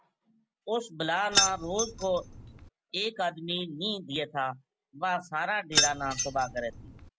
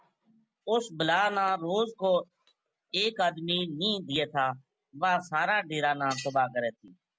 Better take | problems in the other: second | background sound (Keys jangling); 2 dB above the speech

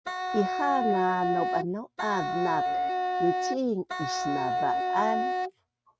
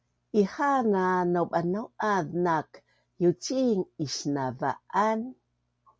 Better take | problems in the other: second | noise reduction (neural mask model RNNoise)

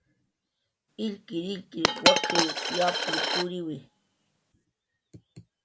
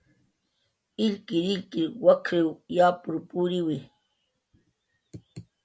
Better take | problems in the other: second | background sound (Coin (dropping)); 4 dB above the speech

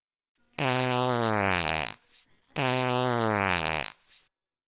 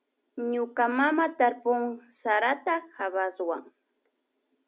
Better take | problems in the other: second | noise reduction (neural separator model SepFormer WHAMR!)

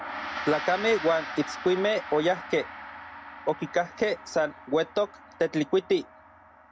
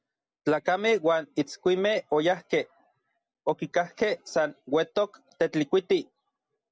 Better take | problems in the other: second | background sound (Gong); 11 dB below the speech

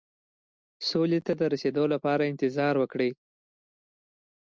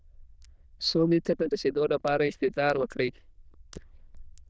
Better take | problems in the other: first | noise reduction (neural diffusion model UNIVERSE++)

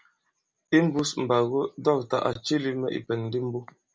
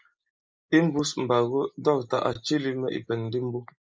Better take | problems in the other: first | noise reduction (neural mask model Resemble Enhance denoiser)

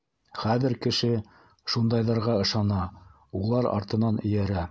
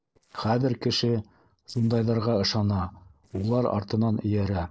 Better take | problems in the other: first | noise reduction (neural separator model SepFormer DNS4)

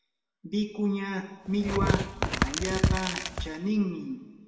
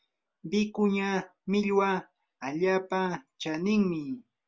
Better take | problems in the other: second | background sound (Tearing); 2 dB above the speech // room echo; dies away in 1.8 s

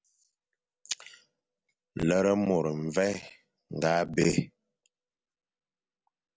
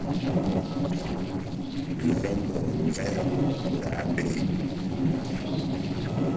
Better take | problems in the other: first | noise reduction (neural separator model SepFormer DNS4)

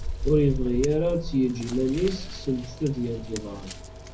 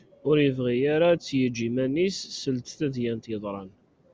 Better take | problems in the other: second | background sound (Scissors); 7 dB below the speech // room echo; dies away in 0.4 s

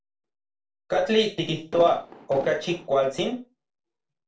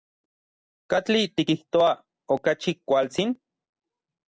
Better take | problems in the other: second | background sound (Explosion); 13 dB below the speech // room echo; dies away in 0.3 s

